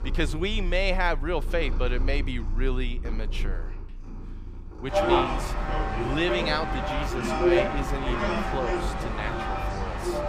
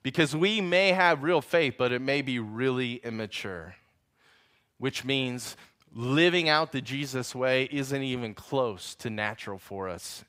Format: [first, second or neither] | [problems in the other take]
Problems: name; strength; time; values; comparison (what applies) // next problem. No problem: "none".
second | animal sounds; very loud; throughout; 2 dB above the speech